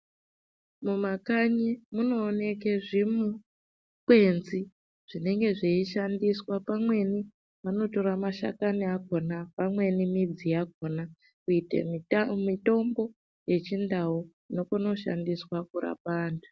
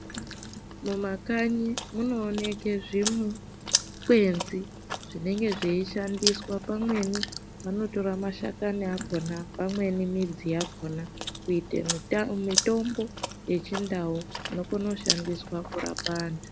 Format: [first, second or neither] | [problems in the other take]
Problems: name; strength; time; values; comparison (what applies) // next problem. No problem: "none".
first | background sound (Chewing, mastication); 6 dB below the speech